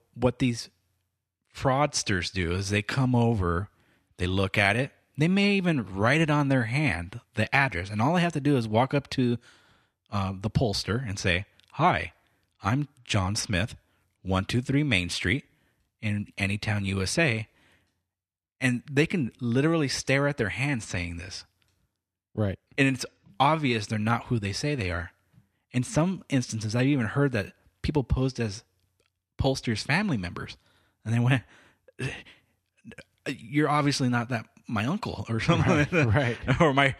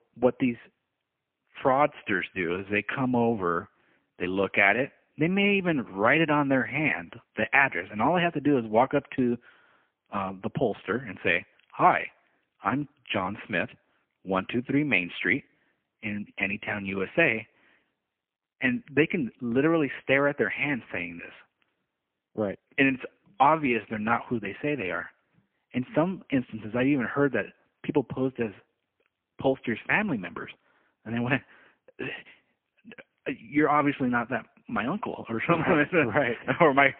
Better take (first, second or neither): first